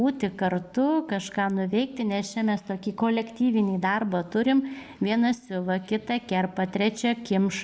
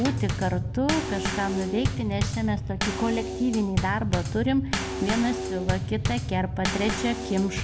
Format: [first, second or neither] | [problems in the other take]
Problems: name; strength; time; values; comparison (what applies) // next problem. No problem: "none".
first | background sound (Bass drum / Snare drum / Drum kit); 2 dB below the speech